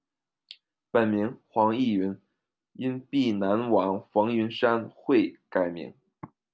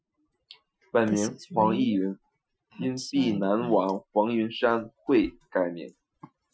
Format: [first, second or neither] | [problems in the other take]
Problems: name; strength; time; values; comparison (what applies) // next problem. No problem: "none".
first | noise reduction (classical method Wiener filter)